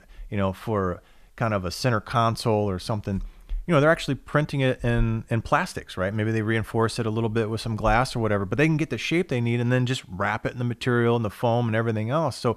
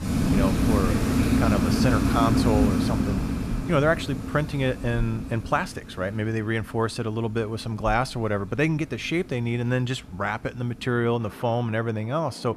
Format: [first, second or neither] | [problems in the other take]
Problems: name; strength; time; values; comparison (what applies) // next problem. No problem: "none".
first | rain or running water; very loud; throughout; 2 dB above the speech